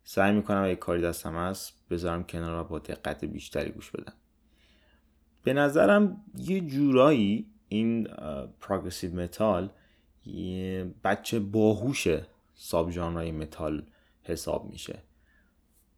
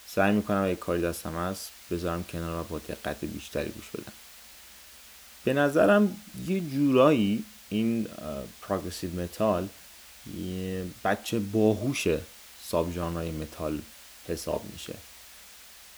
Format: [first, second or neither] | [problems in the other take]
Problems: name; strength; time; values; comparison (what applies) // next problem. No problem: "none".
first | hiss; noticeable; throughout; 20 dB below the speech